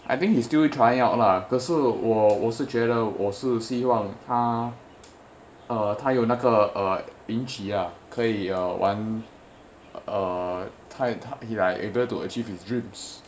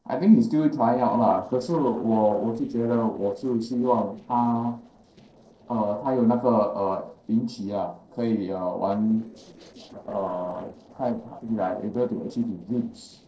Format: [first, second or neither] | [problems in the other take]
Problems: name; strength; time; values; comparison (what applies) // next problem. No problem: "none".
first | noise reduction (neural separator model SepFormer DNS4)